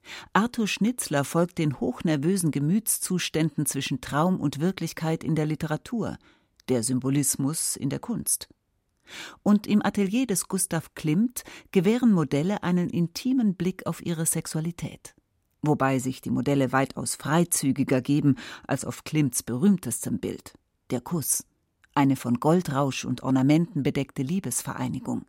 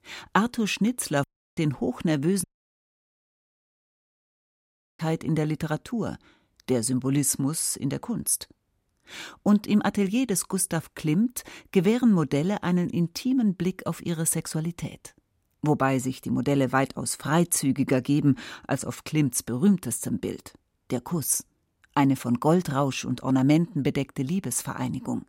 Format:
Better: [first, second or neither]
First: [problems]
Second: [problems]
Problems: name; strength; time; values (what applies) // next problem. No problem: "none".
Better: first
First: none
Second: audio cutting out; at 1 s and at 2.5 s for 2.5 s